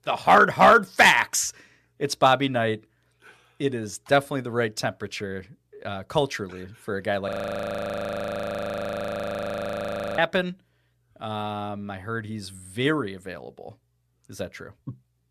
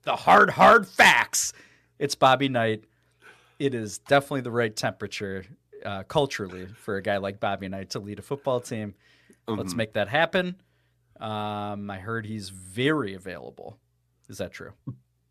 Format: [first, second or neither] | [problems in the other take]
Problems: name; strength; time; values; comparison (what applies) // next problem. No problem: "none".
second | audio freezing; at 7.5 s for 3 s